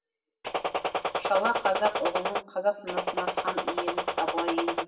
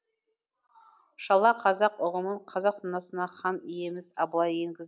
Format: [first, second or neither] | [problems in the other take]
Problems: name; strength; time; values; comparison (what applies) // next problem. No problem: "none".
second | background sound (Gunshot, gunfire); 1 dB above the speech // room echo; dies away in 0.7 s